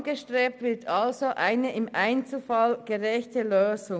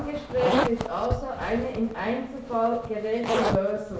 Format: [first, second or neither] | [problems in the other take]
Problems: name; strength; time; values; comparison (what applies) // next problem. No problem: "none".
first | background sound (Zipper (clothing)); 3 dB below the speech // room echo; dies away in 0.6 s